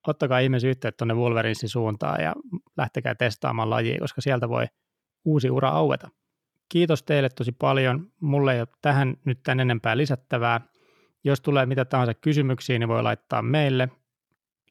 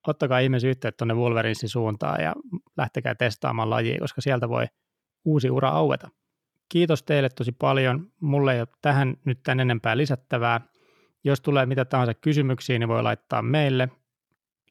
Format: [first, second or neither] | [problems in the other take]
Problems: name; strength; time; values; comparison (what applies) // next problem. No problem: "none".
neither | none